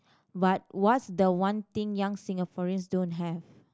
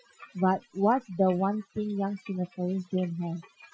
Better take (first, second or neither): first